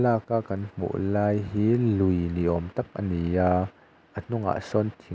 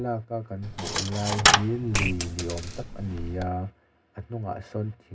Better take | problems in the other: first | background sound (Coin (dropping)); 3 dB above the speech // room echo; dies away in 0.4 s

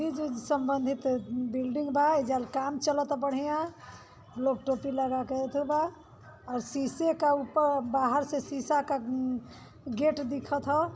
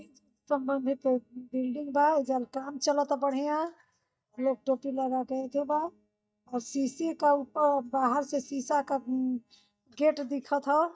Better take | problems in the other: first | noise reduction (neural mask model DeepFilterNet 3)

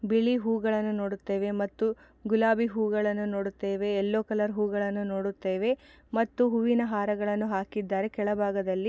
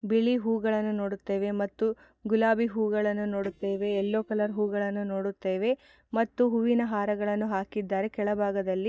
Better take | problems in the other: first | noise reduction (neural mask model DeepFilterNet 3)

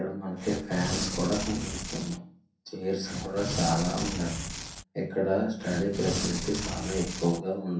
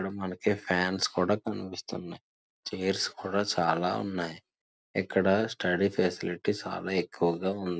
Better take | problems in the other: second | background sound (Tearing); 4 dB below the speech // room echo; dies away in 0.6 s

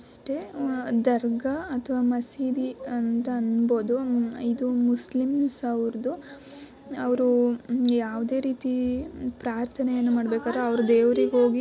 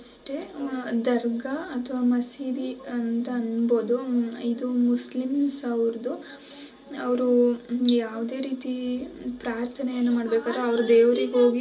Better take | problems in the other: first | room echo; dies away in 0.2 s

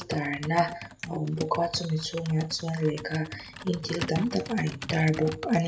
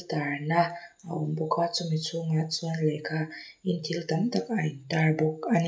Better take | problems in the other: second | background sound (Computer keyboard); 11 dB below the speech

